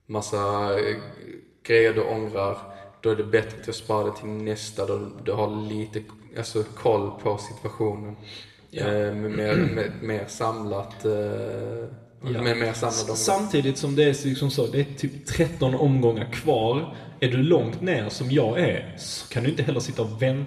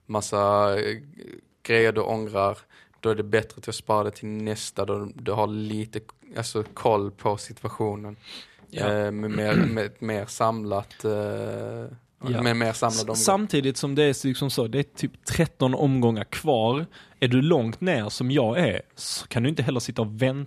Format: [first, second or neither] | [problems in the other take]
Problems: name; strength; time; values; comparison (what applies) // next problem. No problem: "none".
second | room echo; slight; dies away in 1 s // off-mic speech; somewhat distant